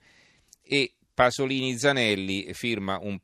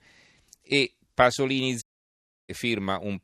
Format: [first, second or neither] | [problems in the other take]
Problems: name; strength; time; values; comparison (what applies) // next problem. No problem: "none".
first | audio cutting out; at 2 s for 0.5 s